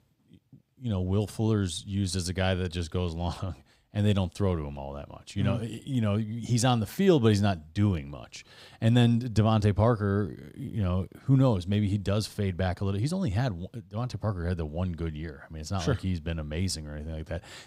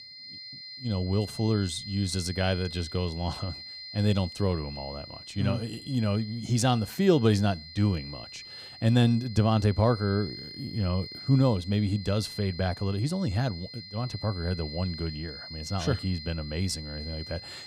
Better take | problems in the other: first | high-pitched whine; noticeable; throughout; 4 kHz, 10 dB below the speech

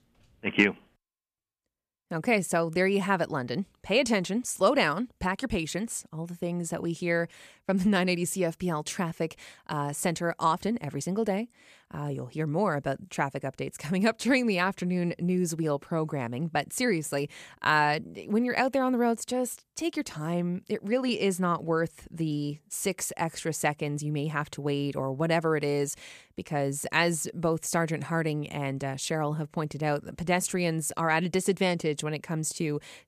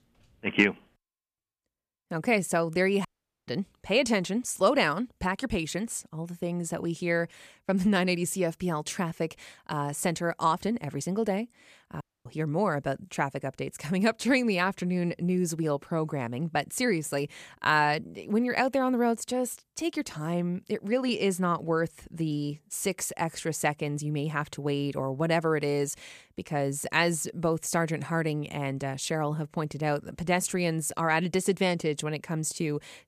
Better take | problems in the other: first | audio cutting out; at 3 s and at 12 s

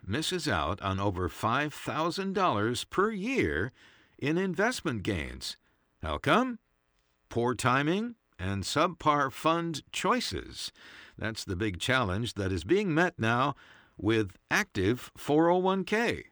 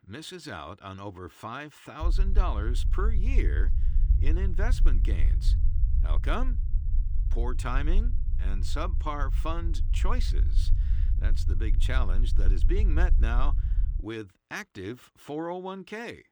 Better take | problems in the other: first | low rumble; noticeable; from 2 to 14 s; 10 dB below the speech

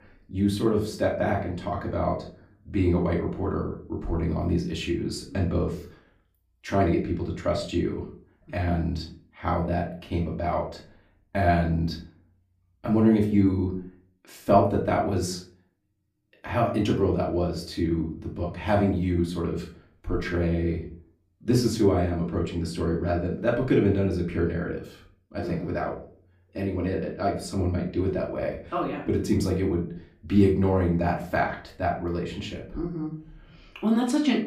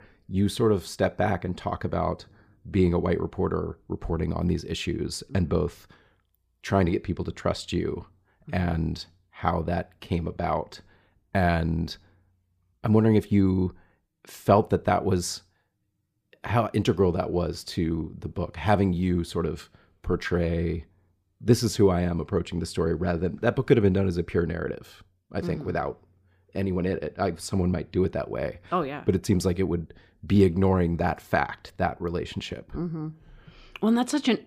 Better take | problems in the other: second | off-mic speech; far // room echo; slight; dies away in 0.4 s

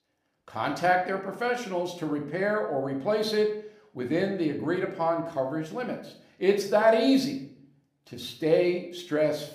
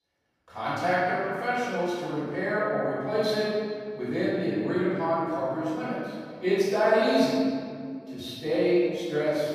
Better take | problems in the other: first | room echo; strong; dies away in 1.9 s; slight in the first // off-mic speech; far

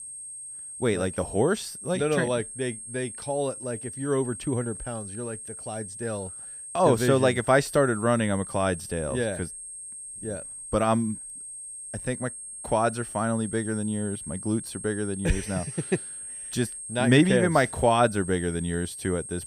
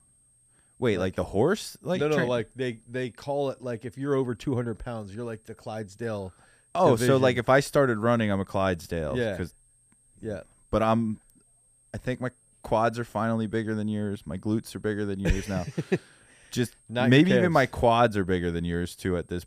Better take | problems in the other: second | high-pitched whine; loud; throughout; 8.5 kHz, 10 dB below the speech; faint in the second

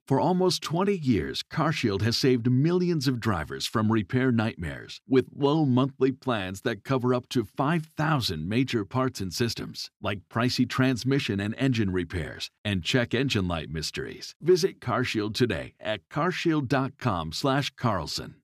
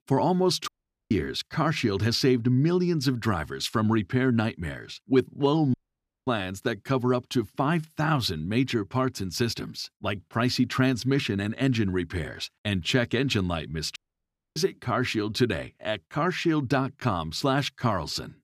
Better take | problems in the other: first | audio cutting out; at 0.5 s, at 5.5 s for 0.5 s and at 14 s for 0.5 s

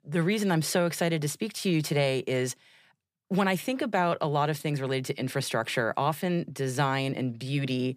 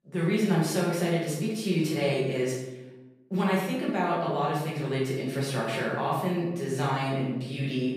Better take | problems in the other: first | room echo; noticeable; dies away in 0.9 s // off-mic speech; far

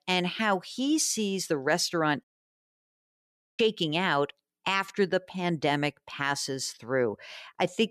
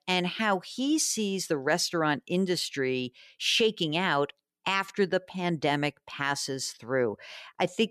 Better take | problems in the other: second | audio cutting out; at 2 s for 1.5 s

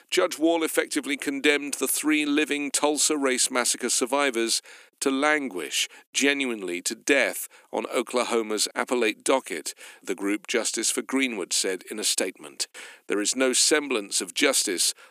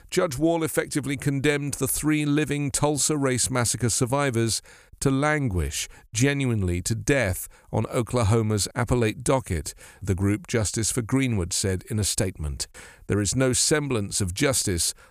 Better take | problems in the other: second | thin; very slightly; fading below 250 Hz

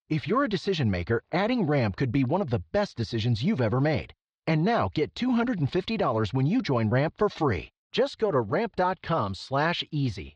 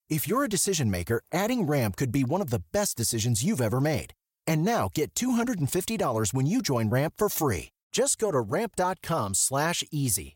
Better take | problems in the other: second | muffled; slightly; fading above 4 kHz

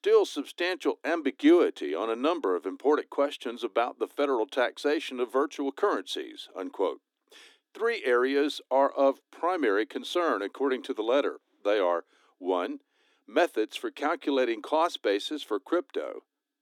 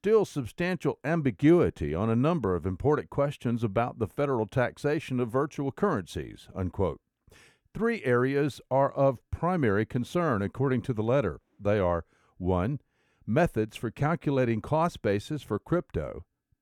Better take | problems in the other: second | thin; somewhat; fading below 250 Hz

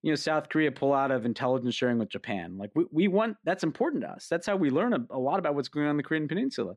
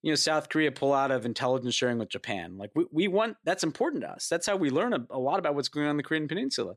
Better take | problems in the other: second | muffled; slightly; fading above 4 kHz

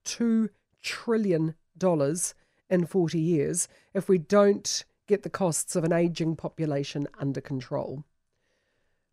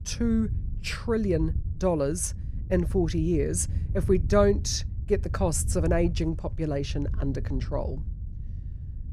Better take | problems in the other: first | wind noise on the microphone; occasional gusts; 20 dB below the speech

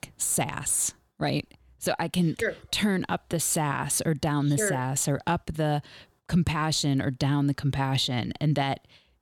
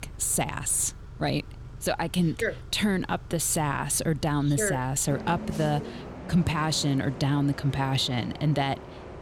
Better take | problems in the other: first | traffic noise; noticeable; throughout; 15 dB below the speech

